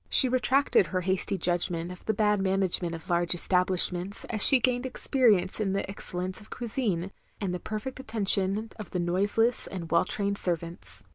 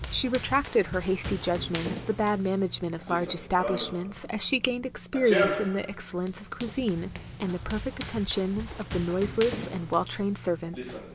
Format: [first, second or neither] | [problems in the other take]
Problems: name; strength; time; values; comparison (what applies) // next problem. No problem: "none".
first | background sound (Run); 7 dB below the speech